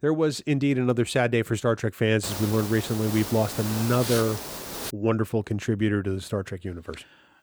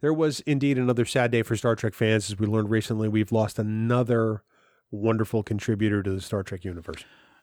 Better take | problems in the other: second | hiss; loud; from 2 to 5 s; 7 dB below the speech

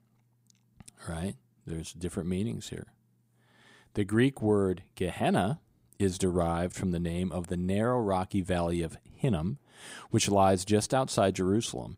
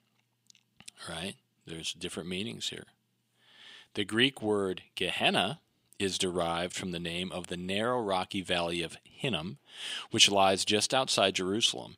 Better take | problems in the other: first | thin; very slightly; fading below 650 Hz

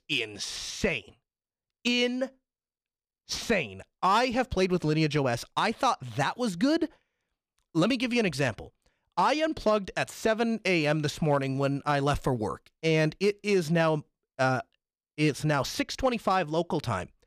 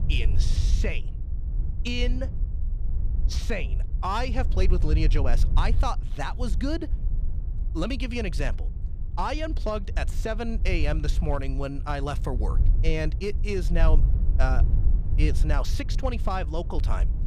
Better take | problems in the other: first | wind noise on the microphone; occasional gusts; 15 dB below the speech

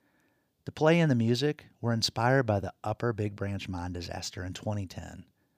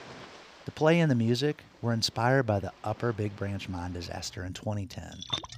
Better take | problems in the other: first | rain or running water; noticeable; throughout; 15 dB below the speech

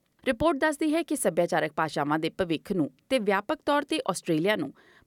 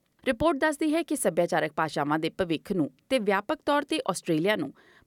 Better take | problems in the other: neither | none

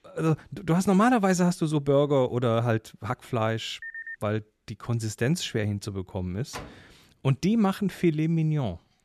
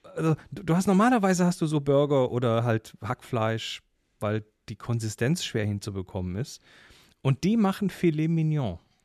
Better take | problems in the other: second | phone ringing; faint; at 4 s; peak 10 dB below the speech // door banging; faint; at 6.5 s; peak 15 dB below the speech

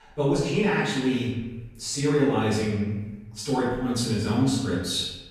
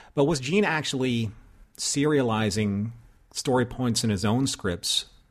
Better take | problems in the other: second | room echo; noticeable; dies away in 0.9 s // off-mic speech; far

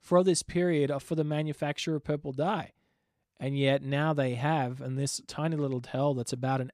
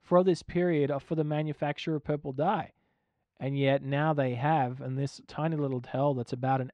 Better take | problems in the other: first | muffled; slightly; fading above 3 kHz

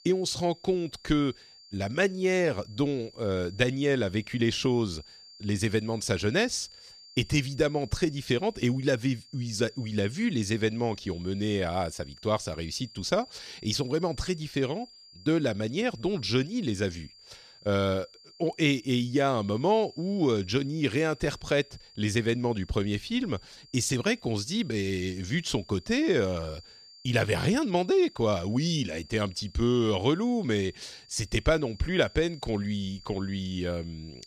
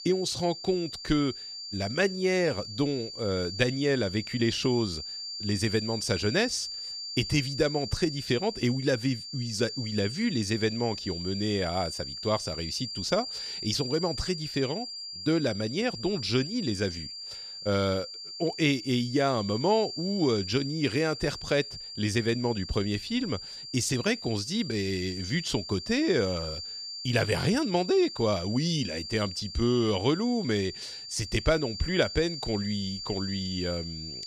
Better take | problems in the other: first | high-pitched whine; loud; throughout; 4.5 kHz, 8 dB below the speech; faint in the first

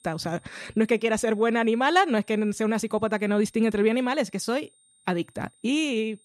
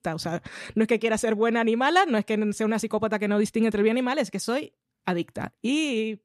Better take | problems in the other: second | high-pitched whine; faint; throughout; 8.5 kHz, 35 dB below the speech

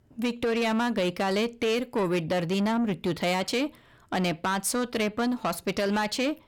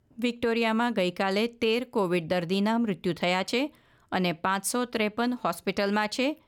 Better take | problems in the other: second | distortion; slight; 10 dB below the speech

